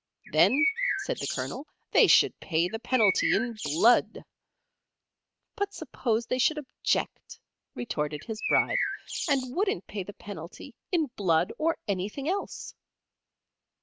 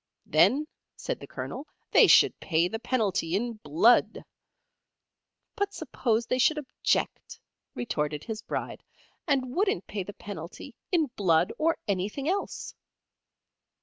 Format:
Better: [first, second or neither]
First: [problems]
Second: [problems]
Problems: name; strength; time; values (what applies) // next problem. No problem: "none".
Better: second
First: background sound (Bird); 2 dB below the speech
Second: none